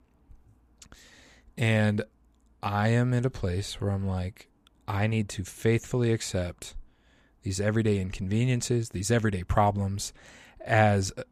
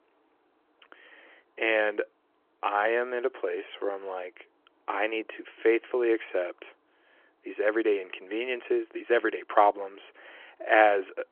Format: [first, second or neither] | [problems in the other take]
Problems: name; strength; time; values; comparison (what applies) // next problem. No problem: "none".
first | phone-call audio